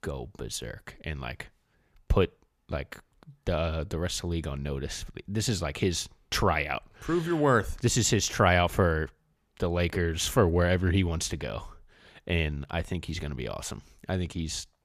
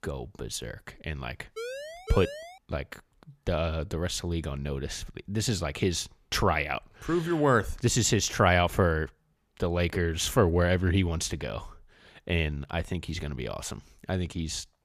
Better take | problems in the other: first | siren; noticeable; from 1.5 to 2.5 s; peak 9 dB below the speech

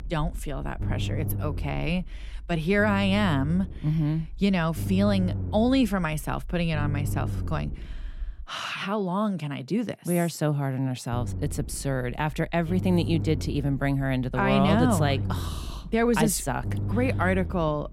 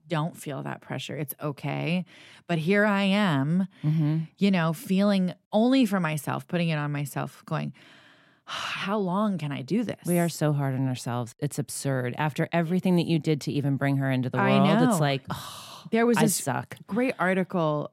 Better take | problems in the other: second | low rumble; noticeable; until 8.5 s and from 11 s on; 15 dB below the speech

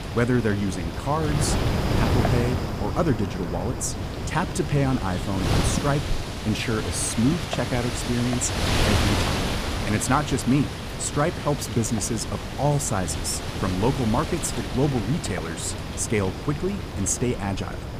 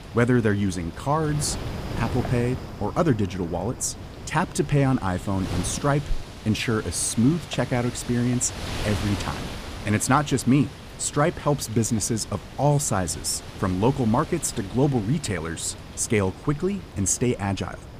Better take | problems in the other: second | wind noise on the microphone; heavy; 2 dB below the speech; occasional gusts in the second

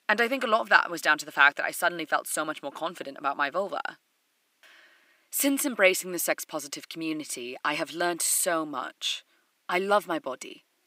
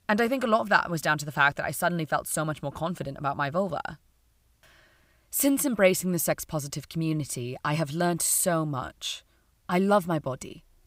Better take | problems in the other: second | thin; somewhat; fading below 300 Hz

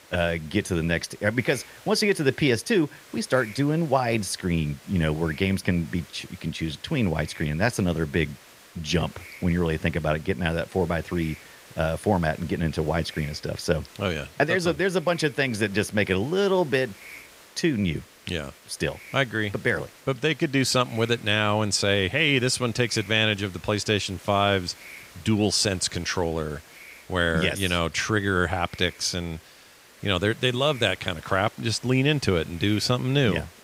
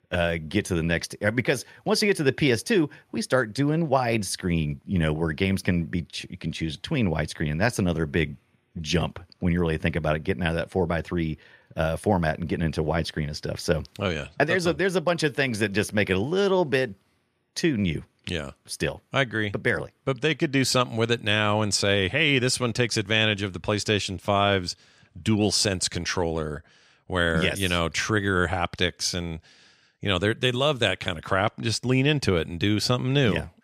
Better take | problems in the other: second | hiss; faint; throughout; 20 dB below the speech

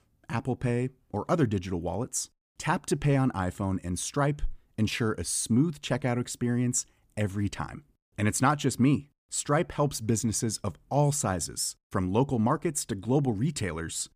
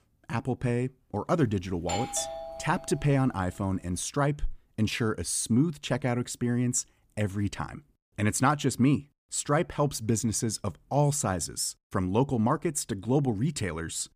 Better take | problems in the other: first | doorbell; noticeable; from 1.5 to 3 s; peak 5 dB below the speech

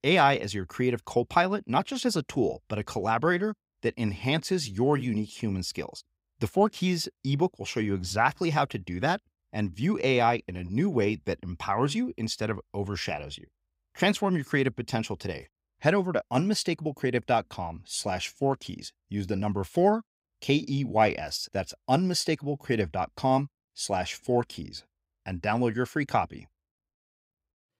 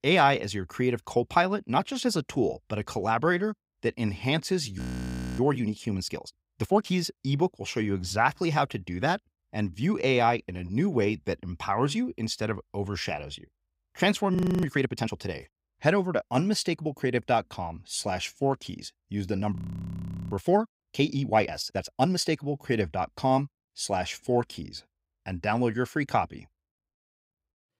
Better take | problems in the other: first | audio freezing; at 5 s for 0.5 s, at 14 s and at 20 s for 1 s

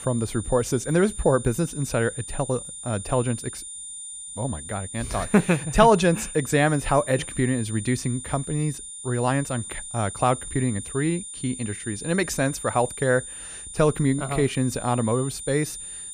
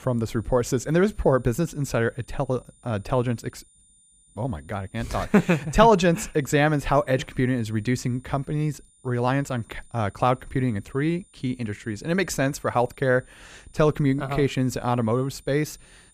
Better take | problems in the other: second | high-pitched whine; loud; throughout; 9 kHz, 10 dB below the speech; faint in the second

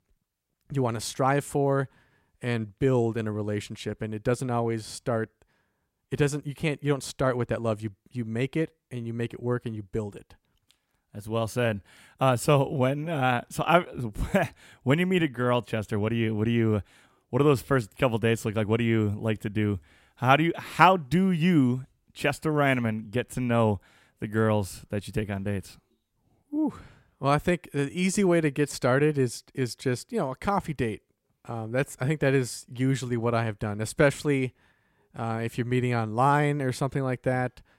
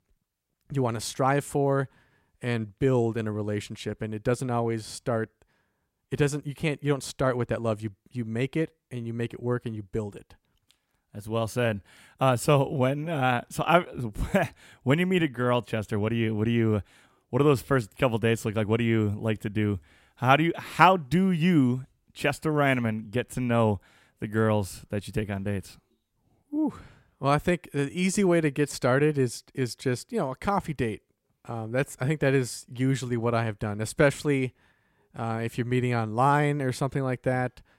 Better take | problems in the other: neither | none

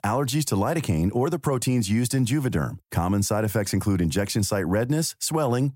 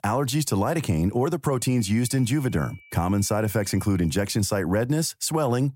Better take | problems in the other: first | high-pitched whine; faint; from 1.5 to 4 s; 2.5 kHz, 25 dB below the speech

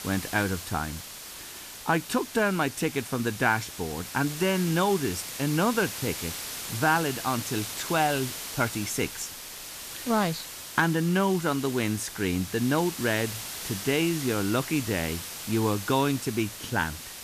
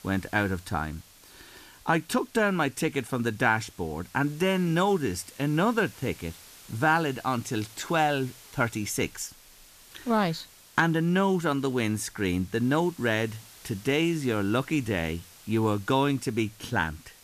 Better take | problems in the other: second | hiss; loud; throughout; 8 dB below the speech; faint in the second

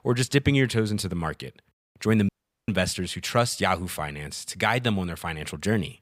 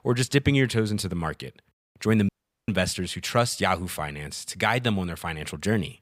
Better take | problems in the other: neither | audio cutting out; at 2.5 s; the same in both

